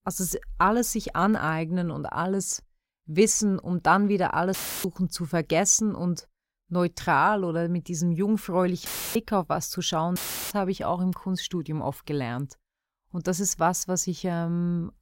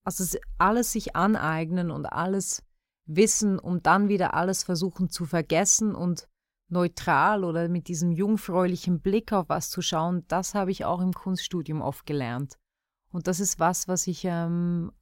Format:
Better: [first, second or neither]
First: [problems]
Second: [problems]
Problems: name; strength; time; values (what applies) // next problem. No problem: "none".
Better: second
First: audio cutting out; filled with static; at 4.5 s, at 9 s and at 10 s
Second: none